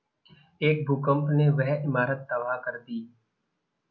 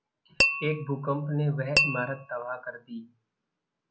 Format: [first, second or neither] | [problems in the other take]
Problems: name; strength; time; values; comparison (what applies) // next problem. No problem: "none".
first | background sound (Tap / Glass); 2 dB above the speech